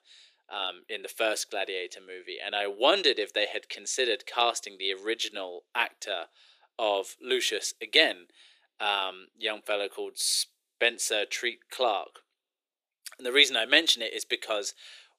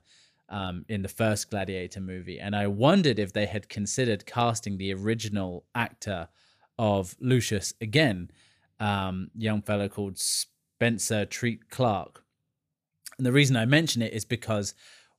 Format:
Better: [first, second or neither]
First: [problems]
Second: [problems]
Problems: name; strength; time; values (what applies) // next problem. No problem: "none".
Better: second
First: thin; very; fading below 350 Hz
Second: none